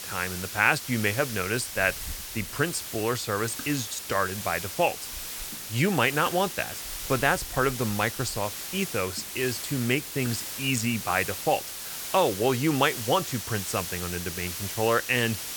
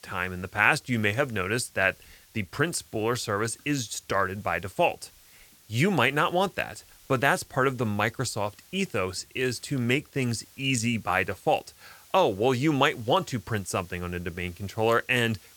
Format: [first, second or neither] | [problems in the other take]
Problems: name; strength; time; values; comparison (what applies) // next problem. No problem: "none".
second | hiss; loud; throughout; 7 dB below the speech; faint in the second